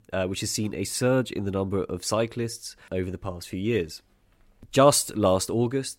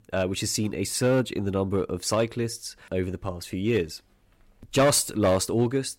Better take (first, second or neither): first